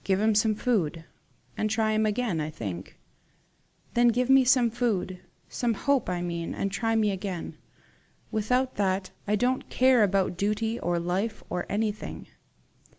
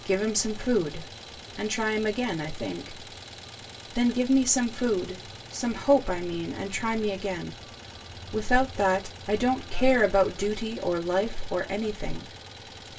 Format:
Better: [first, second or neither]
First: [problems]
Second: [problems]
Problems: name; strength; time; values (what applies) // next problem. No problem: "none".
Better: first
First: none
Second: background sound (Idling); 16 dB below the speech // room echo; dies away in 0.1 s